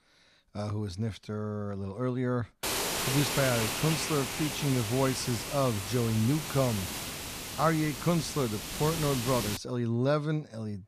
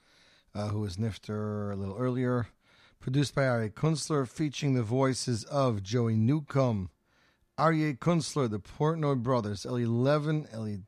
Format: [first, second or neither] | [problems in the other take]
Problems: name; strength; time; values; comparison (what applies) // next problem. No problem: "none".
second | hiss; loud; from 2.5 to 9.5 s; 3 dB below the speech